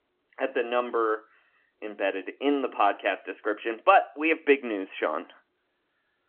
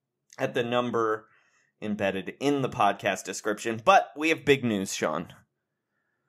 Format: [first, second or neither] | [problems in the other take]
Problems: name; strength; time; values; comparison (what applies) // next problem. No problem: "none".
second | phone-call audio